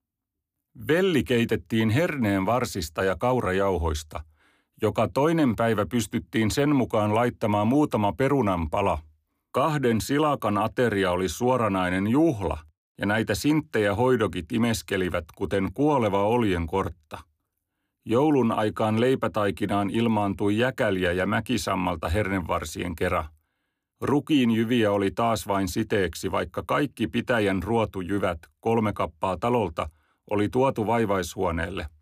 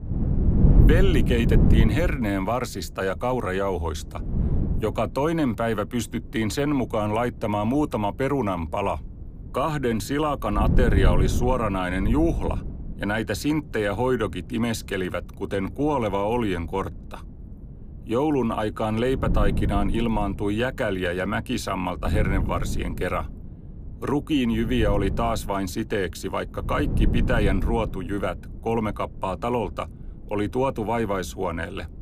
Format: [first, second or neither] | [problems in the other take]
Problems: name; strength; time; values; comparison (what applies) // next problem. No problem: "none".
first | wind noise on the microphone; heavy; 9 dB below the speech